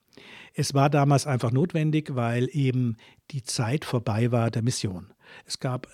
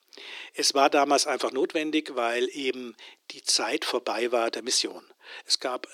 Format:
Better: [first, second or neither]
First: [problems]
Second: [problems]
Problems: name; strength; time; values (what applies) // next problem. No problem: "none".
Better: first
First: none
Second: thin; very; fading below 300 Hz